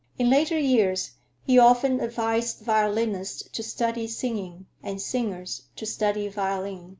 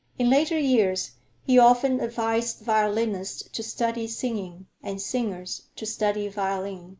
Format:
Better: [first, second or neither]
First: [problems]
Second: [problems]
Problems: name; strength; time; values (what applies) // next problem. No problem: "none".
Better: first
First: none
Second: noise reduction (neural mask model Resemble Enhance denoiser)